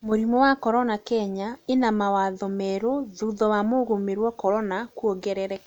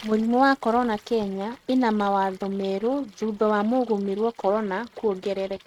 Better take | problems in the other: first | noise reduction (neural mask model RNNoise)

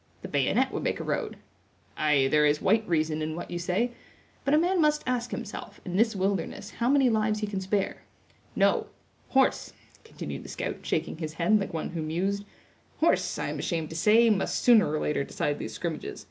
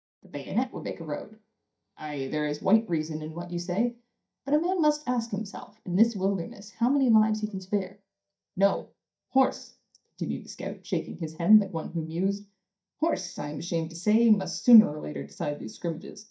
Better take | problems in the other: first | noise reduction (neural mask model DeepFilterNet 3)

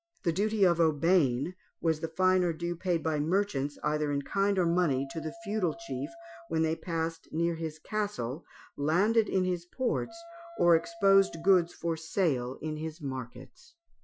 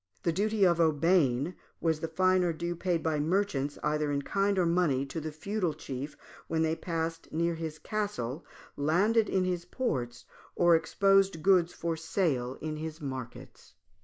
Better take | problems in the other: second | noise reduction (classical method Wiener filter)

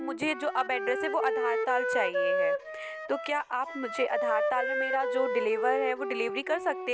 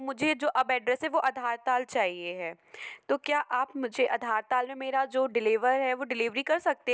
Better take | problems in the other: second | background sound (Wind instrument, woodwind instrument); as loud as the speech

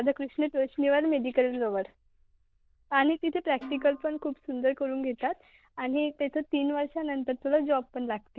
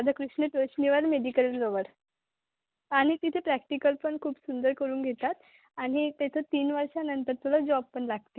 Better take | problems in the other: second | noise reduction (neural diffusion model UNIVERSE++)

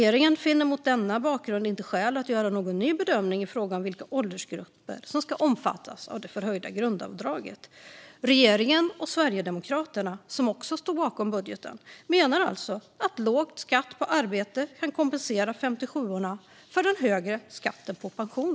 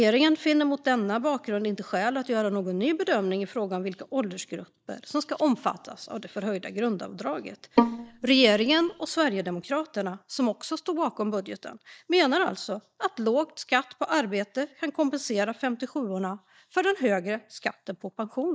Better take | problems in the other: first | noise reduction (neural mask model DeepFilterNet 3)

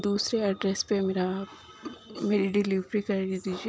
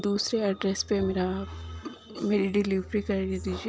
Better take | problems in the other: first | background sound (Bowed string instrument + Bowed string instrument); 14 dB below the speech

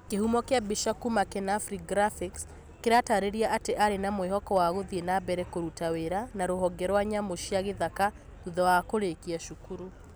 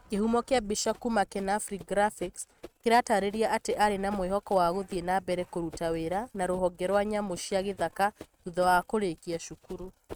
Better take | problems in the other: first | noise reduction (neural mask model RNNoise)

